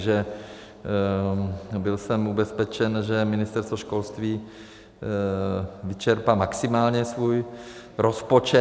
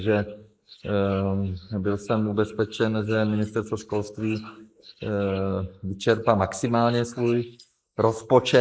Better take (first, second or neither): first